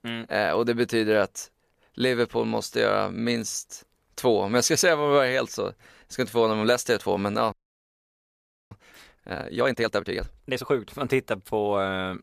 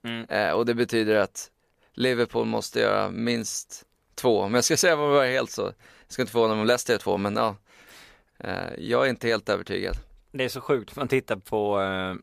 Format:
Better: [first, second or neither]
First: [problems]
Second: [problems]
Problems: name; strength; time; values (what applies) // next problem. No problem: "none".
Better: second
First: audio freezing; at 7.5 s for 1 s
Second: none